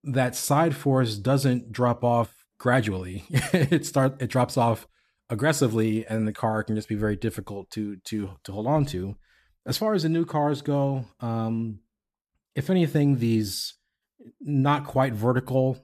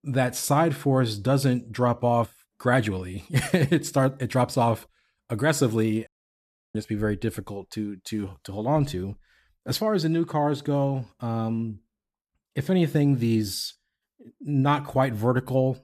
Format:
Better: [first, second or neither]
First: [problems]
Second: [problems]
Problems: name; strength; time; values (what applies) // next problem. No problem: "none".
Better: first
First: none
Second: audio cutting out; at 6 s for 0.5 s